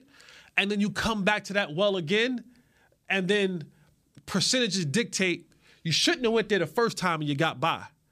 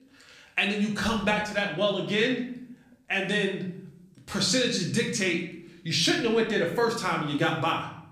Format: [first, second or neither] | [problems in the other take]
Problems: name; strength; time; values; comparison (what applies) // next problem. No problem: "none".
first | room echo; slight; dies away in 0.6 s // off-mic speech; far